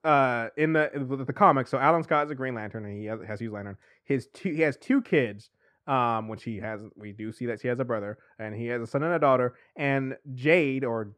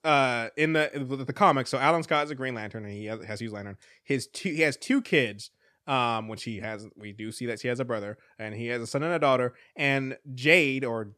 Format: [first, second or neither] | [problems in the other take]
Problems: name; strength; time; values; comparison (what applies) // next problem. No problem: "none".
second | muffled; very; fading above 2.5 kHz